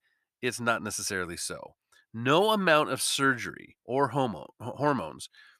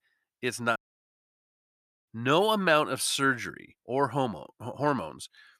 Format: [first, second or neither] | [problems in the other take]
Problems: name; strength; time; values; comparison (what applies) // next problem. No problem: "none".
first | audio cutting out; at 1 s for 1.5 s